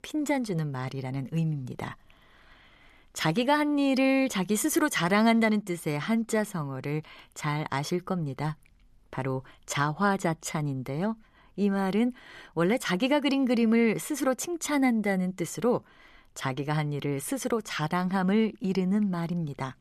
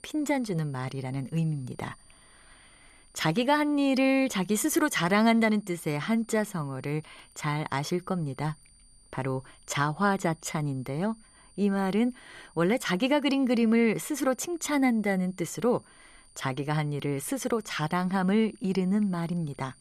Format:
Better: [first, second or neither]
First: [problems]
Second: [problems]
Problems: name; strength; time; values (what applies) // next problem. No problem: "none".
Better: first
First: none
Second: high-pitched whine; faint; throughout; 9 kHz, 30 dB below the speech